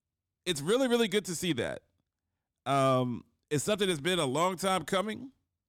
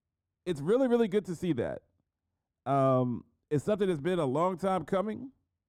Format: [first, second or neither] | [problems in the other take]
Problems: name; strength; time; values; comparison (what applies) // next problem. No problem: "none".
first | muffled; very; fading above 1.5 kHz